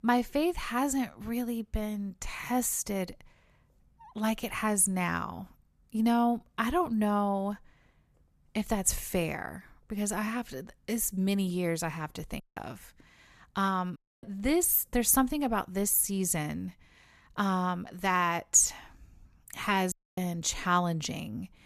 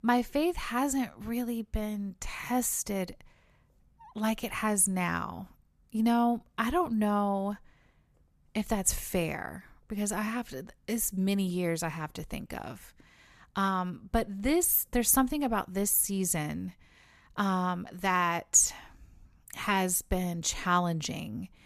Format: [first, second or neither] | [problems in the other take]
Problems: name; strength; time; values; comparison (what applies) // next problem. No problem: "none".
second | audio cutting out; at 12 s, at 14 s and at 20 s